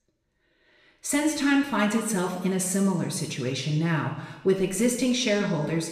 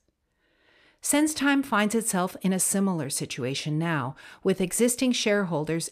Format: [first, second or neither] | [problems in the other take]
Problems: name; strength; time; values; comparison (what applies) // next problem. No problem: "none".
second | room echo; noticeable; dies away in 1 s // off-mic speech; far